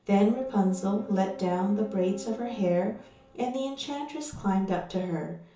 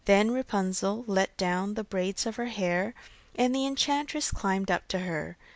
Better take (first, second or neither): second